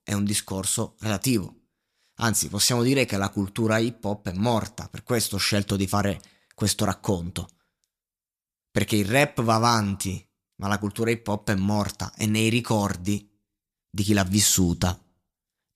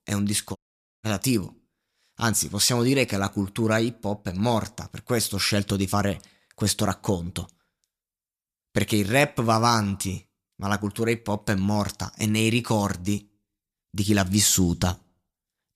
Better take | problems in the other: first | audio cutting out; at 0.5 s

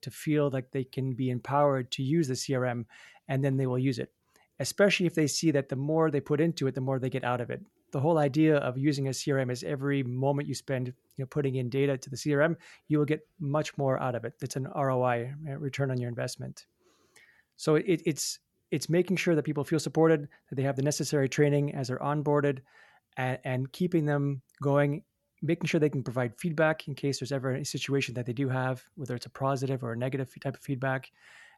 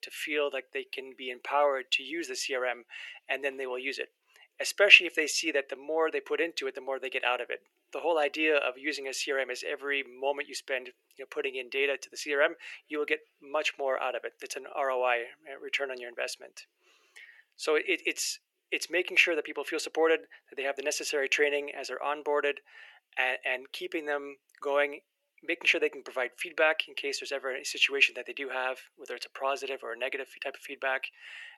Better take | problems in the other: first | thin; very; fading below 400 Hz

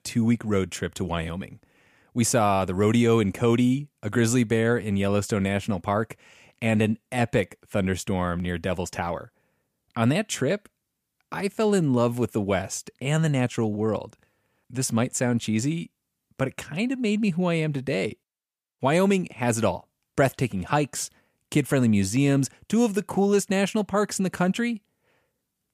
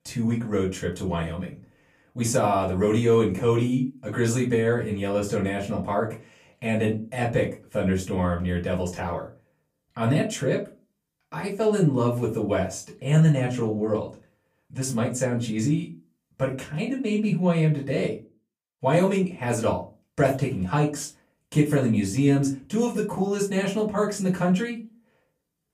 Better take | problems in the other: first | off-mic speech; far // room echo; very slight; dies away in 0.3 s

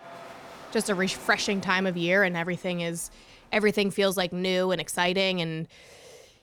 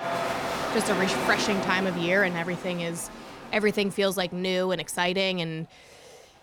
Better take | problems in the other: first | crowd noise; loud; throughout; 5 dB below the speech; faint in the first

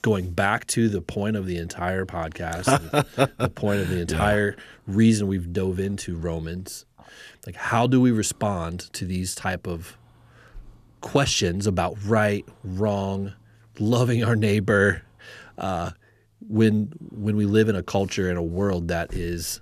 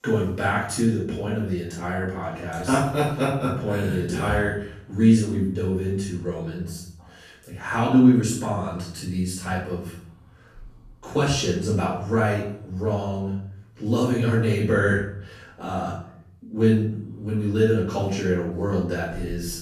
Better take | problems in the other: first | room echo; noticeable; dies away in 0.6 s // off-mic speech; far

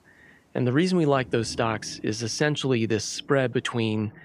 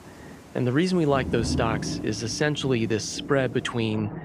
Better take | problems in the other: first | rain or running water; loud; throughout; 9 dB below the speech; faint in the first

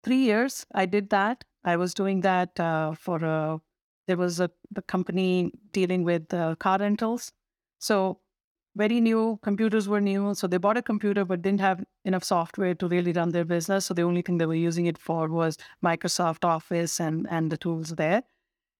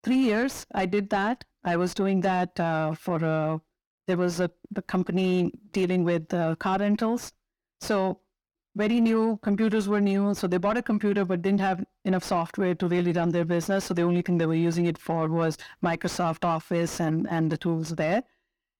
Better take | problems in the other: first | distortion; slight; 10 dB below the speech

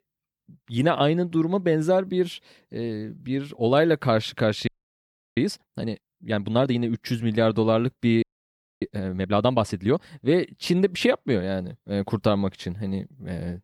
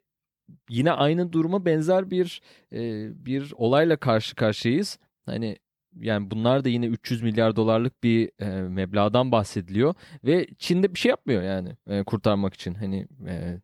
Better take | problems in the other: second | audio freezing; at 4.5 s for 0.5 s and at 8 s for 0.5 s

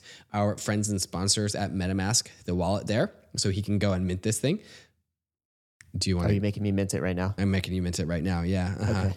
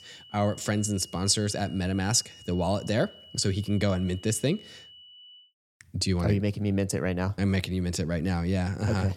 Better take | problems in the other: first | high-pitched whine; faint; until 5.5 s; 3 kHz, 20 dB below the speech

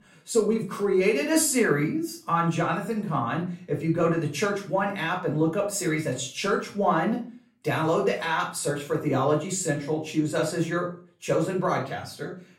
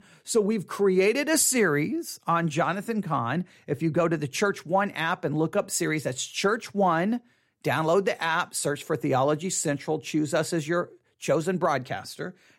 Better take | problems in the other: second | off-mic speech; far // room echo; slight; dies away in 0.3 s

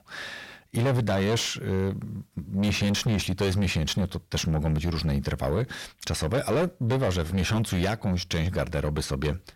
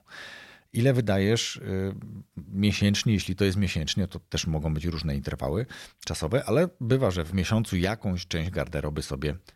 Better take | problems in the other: second | distortion; heavy; 7 dB below the speech

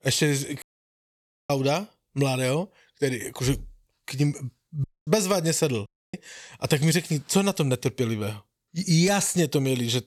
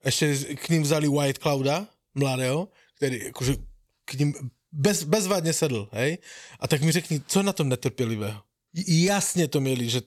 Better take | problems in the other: second | audio cutting out; at 0.5 s for 1 s, at 5 s and at 6 s

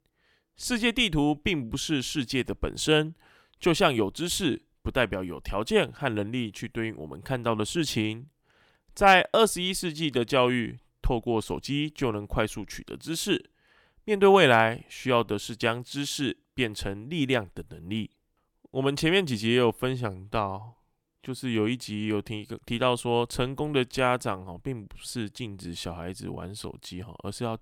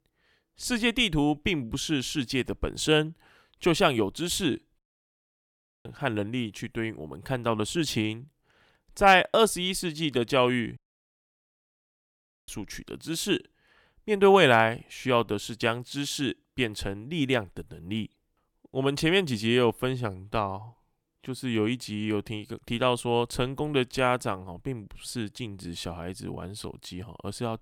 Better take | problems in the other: first | audio cutting out; at 5 s for 1 s and at 11 s for 1.5 s

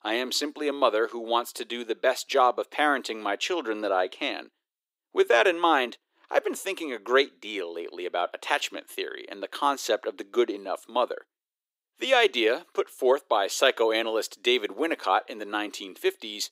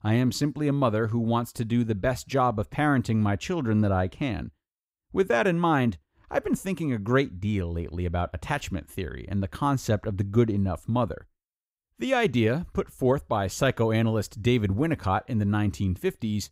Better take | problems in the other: second | thin; very; fading below 350 Hz

